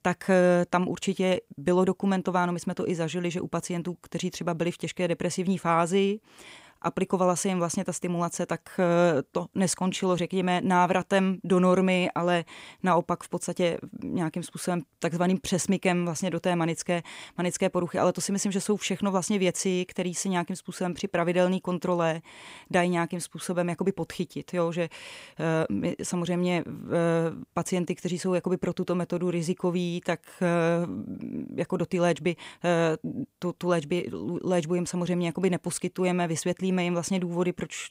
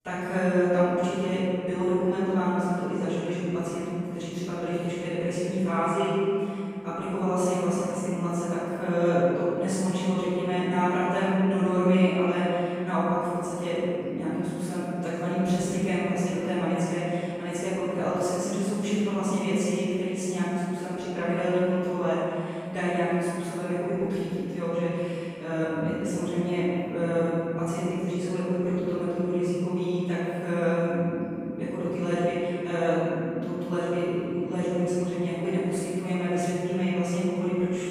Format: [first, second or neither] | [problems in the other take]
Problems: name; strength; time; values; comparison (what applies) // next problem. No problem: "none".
first | room echo; strong; dies away in 2.9 s // off-mic speech; far